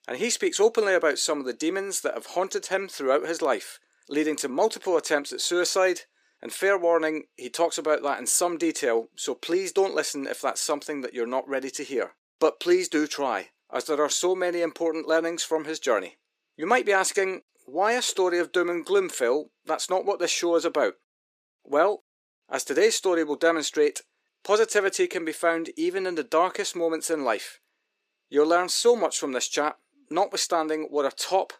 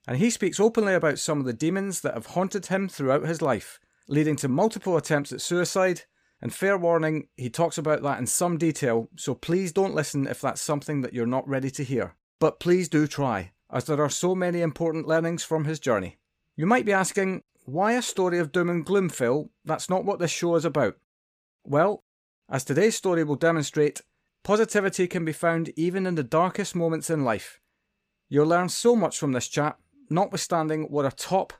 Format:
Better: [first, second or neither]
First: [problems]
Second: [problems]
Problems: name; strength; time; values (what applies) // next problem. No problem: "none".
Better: second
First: thin; somewhat; fading below 350 Hz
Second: none